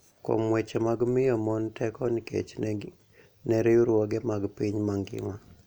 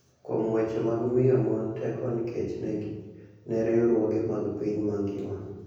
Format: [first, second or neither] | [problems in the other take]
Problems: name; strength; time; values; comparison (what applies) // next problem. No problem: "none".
first | room echo; dies away in 1.1 s